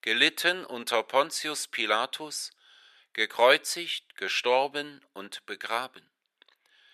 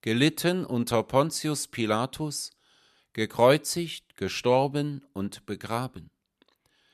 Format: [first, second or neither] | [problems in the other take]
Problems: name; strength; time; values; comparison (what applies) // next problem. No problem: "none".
second | thin; very; fading below 550 Hz